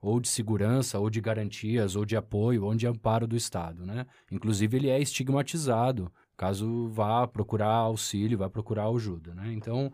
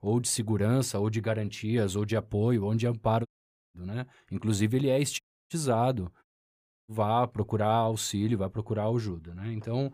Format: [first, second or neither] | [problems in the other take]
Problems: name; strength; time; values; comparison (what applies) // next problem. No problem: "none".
first | audio cutting out; at 3.5 s, at 5 s and at 6 s for 0.5 s